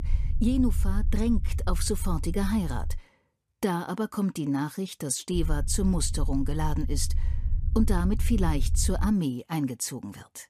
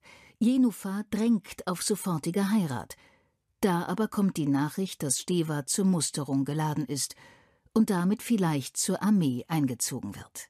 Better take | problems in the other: second | low rumble; noticeable; until 3 s and from 5.5 to 9 s; 15 dB below the speech

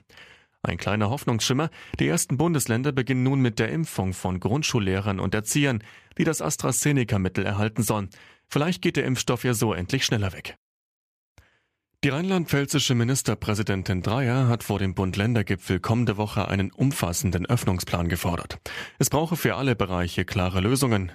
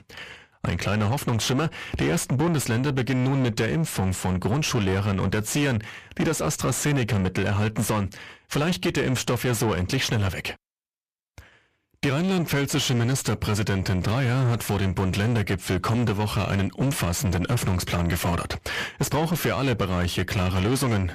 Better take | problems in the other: first | distortion; heavy; 7 dB below the speech

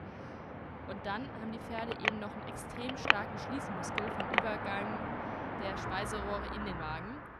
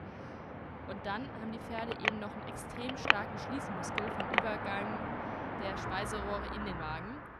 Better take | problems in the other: neither | traffic noise; very loud; throughout; 5 dB above the speech; the same in both

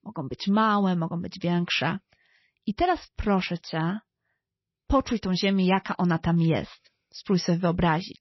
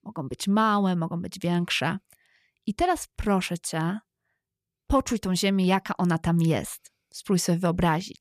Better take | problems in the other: second | garbled, watery; slightly; nothing above 5.5 kHz

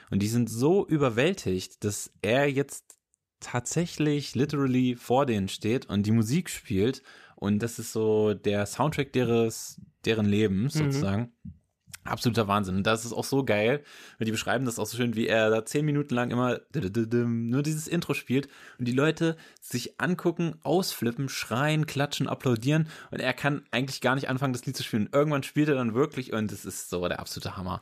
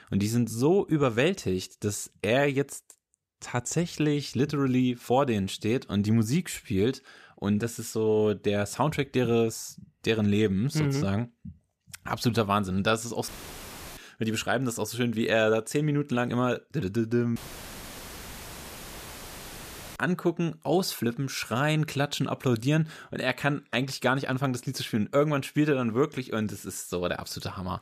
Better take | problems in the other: first | audio cutting out; filled with static; at 13 s for 0.5 s and at 17 s for 2.5 s

